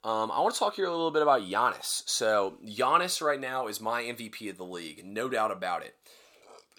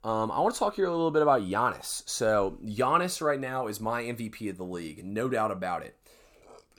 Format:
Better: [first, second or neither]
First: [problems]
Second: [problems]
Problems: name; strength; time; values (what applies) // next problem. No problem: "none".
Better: second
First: thin; very slightly; fading below 1 kHz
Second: none